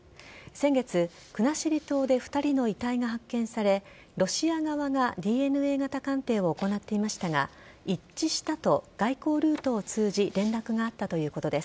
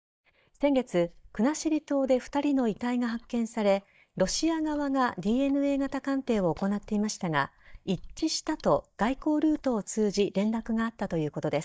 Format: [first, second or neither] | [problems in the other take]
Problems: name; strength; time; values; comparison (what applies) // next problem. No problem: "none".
first | noise reduction (neural mask model DeepFilterNet 3)